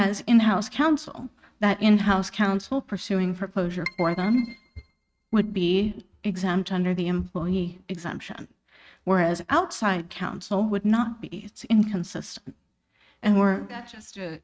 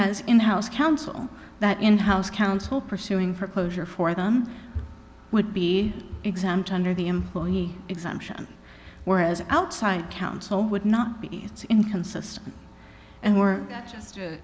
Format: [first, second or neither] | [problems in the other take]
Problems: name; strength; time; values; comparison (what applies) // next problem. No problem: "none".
second | noise reduction (neural mask model RNNoise)